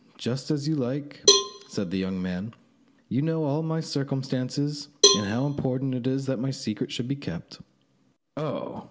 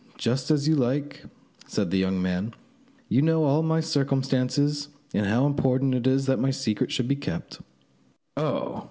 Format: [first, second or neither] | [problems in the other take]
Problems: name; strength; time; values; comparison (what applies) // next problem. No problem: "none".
second | background sound (Cowbell); 1 dB above the speech